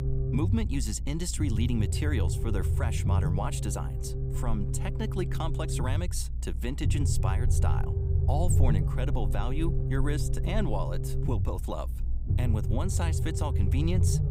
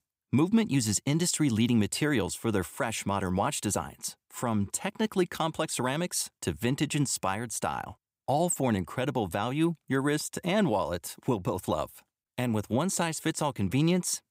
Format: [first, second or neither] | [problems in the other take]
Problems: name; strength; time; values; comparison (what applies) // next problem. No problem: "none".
second | low rumble; loud; throughout; 5 dB below the speech